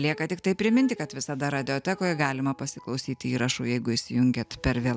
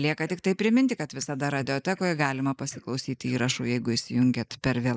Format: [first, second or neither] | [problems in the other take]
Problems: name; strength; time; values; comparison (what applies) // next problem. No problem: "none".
first | noise reduction (neural mask model Resemble Enhance denoiser)